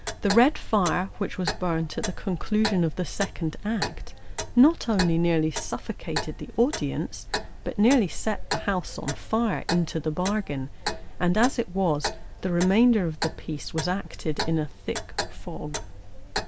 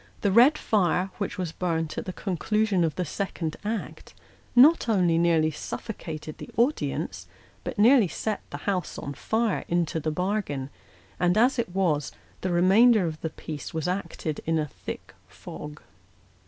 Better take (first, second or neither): second